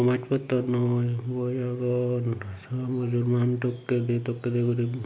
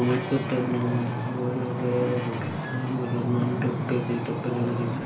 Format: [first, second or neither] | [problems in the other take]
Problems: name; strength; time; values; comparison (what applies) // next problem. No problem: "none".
first | background sound (Wind / Ocean); 3 dB below the speech // room echo; dies away in 0.3 s